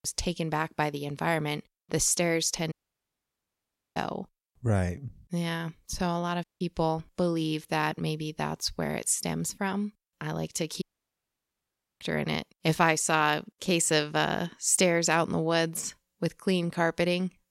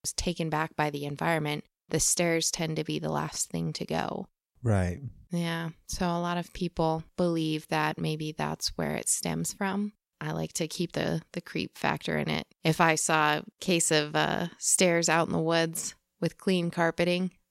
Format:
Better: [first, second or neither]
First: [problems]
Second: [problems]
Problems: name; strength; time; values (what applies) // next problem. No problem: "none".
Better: second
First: audio cutting out; at 2.5 s for 1 s, at 6.5 s and at 11 s for 1 s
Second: none